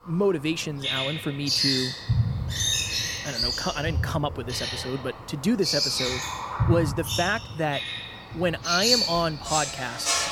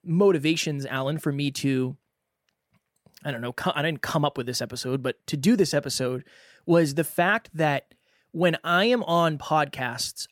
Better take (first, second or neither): second